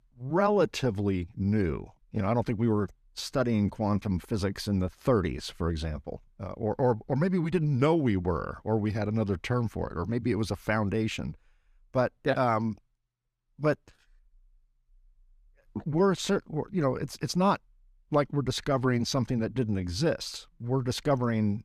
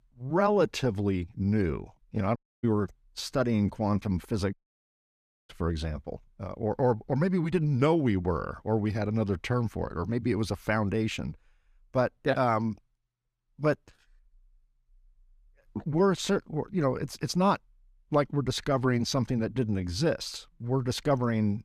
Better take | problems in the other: first | audio cutting out; at 2.5 s and at 4.5 s for 1 s

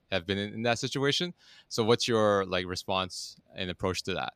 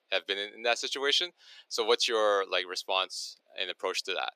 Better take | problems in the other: first | thin; very; fading below 400 Hz

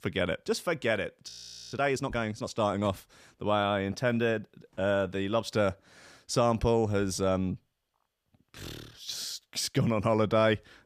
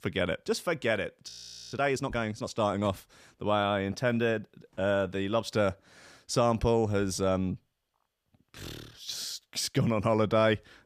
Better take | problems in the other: neither | audio freezing; at 1.5 s; the same in both

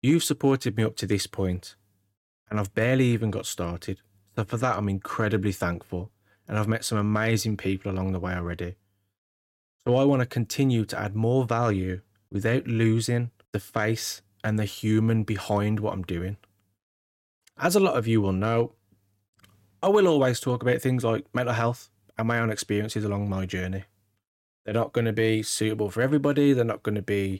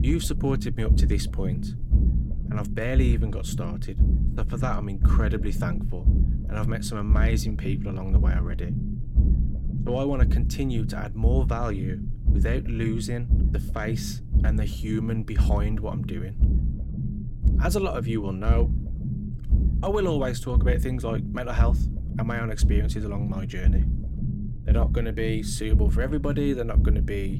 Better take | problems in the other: first | low rumble; loud; throughout; 8 dB below the speech

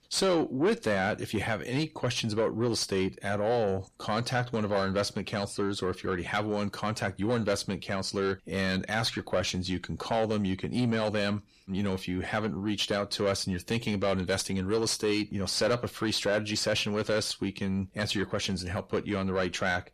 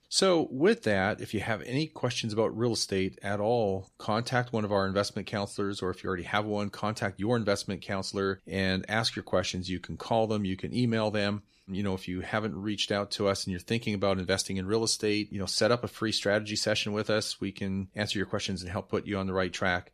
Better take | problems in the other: second | distortion; slight; 10 dB below the speech

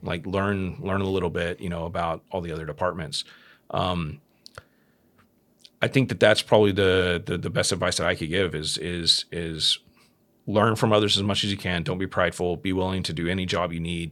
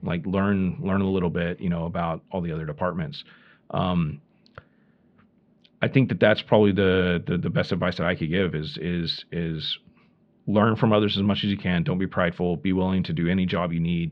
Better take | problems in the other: first | muffled; slightly; fading above 3.5 kHz

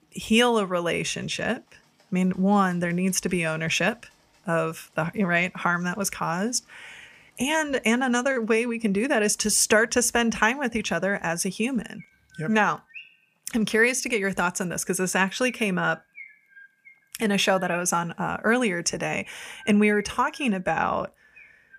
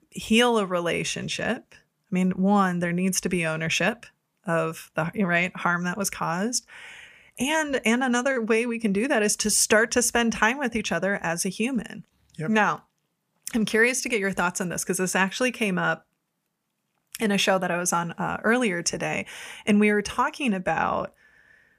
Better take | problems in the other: second | animal sounds; faint; throughout; 25 dB below the speech

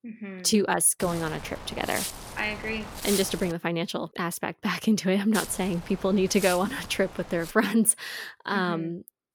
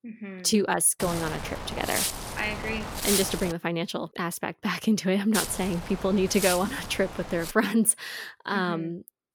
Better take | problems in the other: first | wind noise on the microphone; heavy; from 1 to 3.5 s and from 5.5 to 7.5 s; 5 dB below the speech; occasional gusts in the first

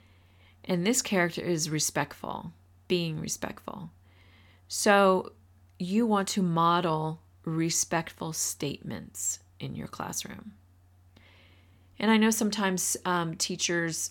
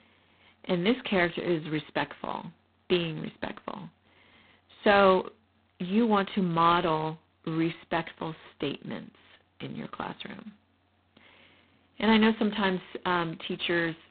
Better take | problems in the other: first | phone-call audio; poor line; nothing above 4 kHz

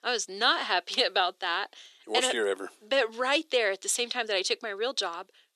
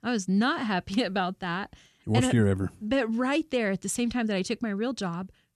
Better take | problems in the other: second | thin; very; fading below 400 Hz

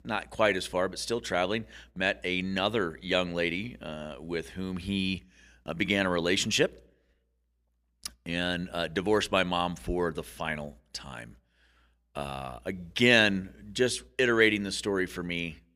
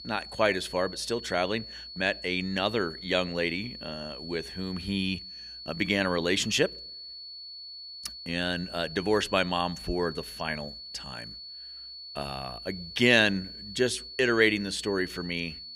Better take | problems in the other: first | high-pitched whine; noticeable; throughout; 4.5 kHz, 10 dB below the speech

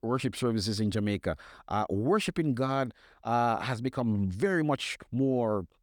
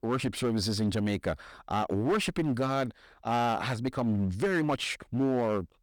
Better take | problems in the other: first | distortion; slight; 10% of the sound clipped

